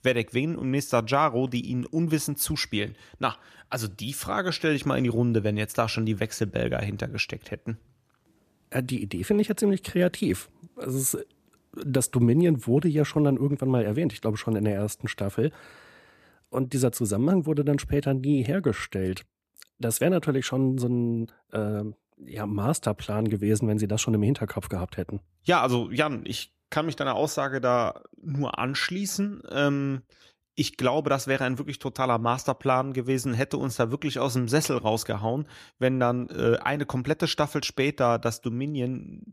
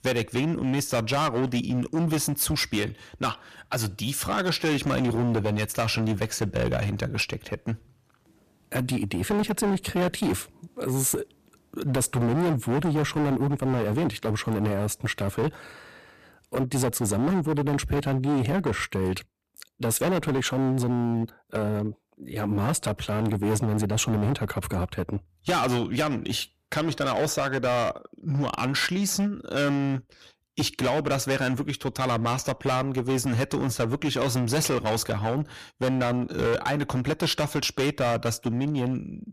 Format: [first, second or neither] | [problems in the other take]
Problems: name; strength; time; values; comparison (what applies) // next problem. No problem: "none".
first | distortion; heavy; 17% of the sound clipped